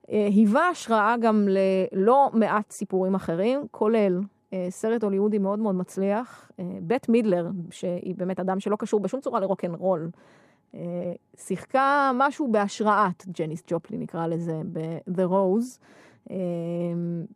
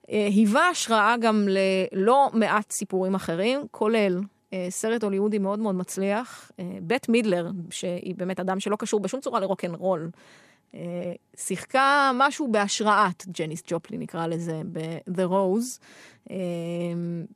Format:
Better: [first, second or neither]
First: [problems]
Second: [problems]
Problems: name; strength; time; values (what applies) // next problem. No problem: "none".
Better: second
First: muffled; slightly; fading above 1.5 kHz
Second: none